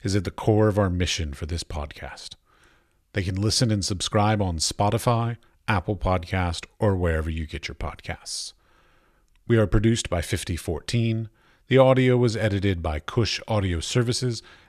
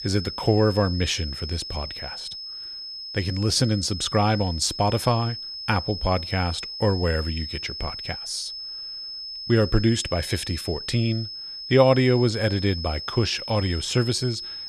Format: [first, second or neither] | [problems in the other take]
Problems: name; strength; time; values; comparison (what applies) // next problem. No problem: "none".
first | high-pitched whine; loud; throughout; 5 kHz, 8 dB below the speech